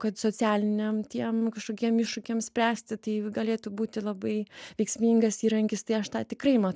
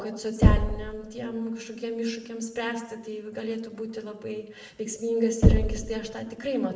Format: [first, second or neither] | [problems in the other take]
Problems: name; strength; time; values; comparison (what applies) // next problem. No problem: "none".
first | background sound (Knock); 3 dB above the speech // room echo; dies away in 0.6 s